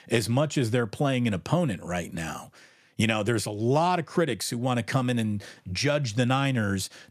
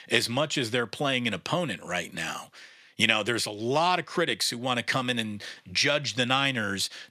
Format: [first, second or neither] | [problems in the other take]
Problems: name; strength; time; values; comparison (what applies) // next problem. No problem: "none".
first | thin; very slightly; fading below 600 Hz